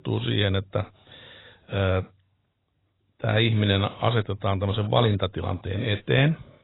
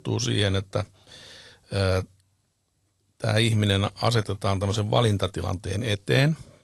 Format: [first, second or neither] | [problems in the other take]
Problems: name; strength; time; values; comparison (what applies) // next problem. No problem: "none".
second | garbled, watery; badly; nothing above 4 kHz; slightly in the second